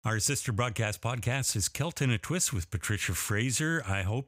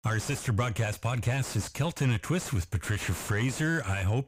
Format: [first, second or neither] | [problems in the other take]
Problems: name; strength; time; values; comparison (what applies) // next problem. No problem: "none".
first | distortion; heavy; 6 dB below the speech